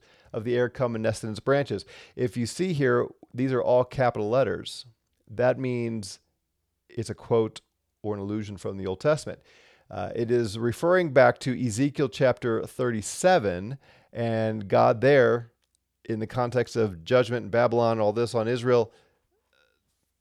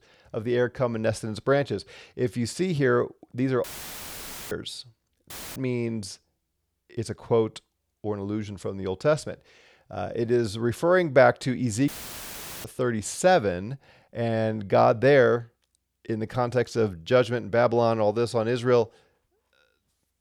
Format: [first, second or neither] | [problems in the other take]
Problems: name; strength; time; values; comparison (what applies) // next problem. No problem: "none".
first | audio cutting out; filled with static; at 3.5 s for 1 s, at 5.5 s and at 12 s for 1 s